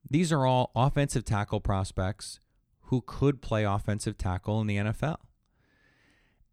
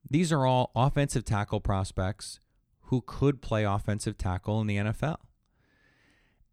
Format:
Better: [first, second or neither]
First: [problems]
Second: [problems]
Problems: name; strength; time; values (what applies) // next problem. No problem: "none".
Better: neither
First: none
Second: none